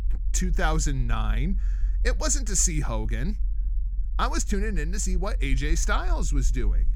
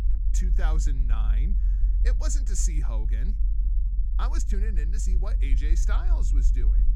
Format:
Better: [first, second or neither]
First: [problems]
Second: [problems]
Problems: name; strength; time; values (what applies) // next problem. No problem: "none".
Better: first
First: low rumble; faint; throughout; 25 dB below the speech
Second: low rumble; loud; throughout; 10 dB below the speech